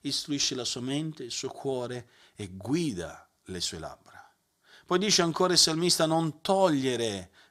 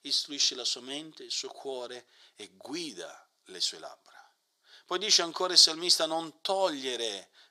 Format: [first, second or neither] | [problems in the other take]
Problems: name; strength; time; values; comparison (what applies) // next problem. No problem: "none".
first | thin; somewhat; fading below 450 Hz